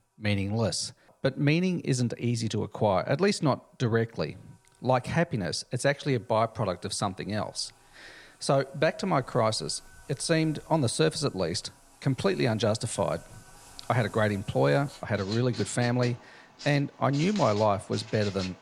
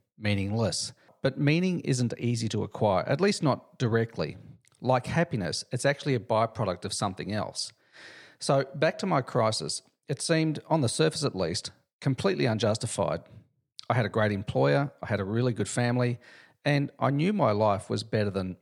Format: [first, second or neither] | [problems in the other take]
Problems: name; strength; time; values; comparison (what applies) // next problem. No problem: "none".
second | household noises; noticeable; throughout; 20 dB below the speech